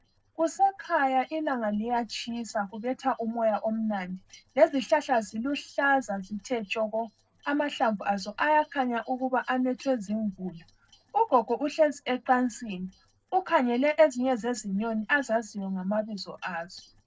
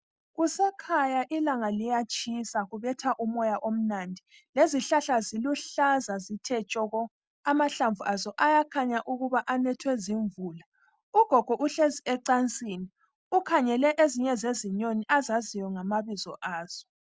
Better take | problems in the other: second | noise reduction (neural separator model SepFormer DNS4)

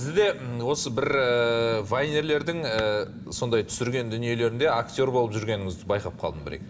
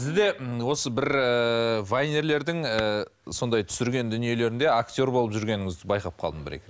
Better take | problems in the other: second | background sound (Fire); 16 dB below the speech // room echo; dies away in 1 s

